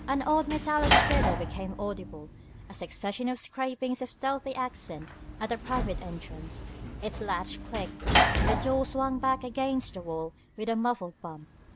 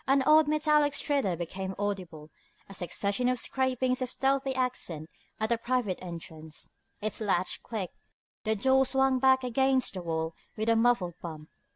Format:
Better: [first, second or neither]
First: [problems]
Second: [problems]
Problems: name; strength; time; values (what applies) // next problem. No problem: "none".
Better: second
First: background sound (Sliding door / Slam); as loud as the speech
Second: none